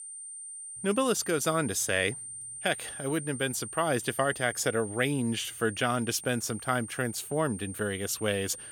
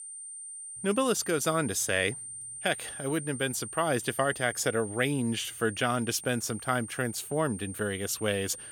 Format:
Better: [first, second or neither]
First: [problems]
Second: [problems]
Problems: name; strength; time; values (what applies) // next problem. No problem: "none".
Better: neither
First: high-pitched whine; loud; throughout; 9 kHz, 10 dB below the speech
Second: high-pitched whine; loud; throughout; 9 kHz, 10 dB below the speech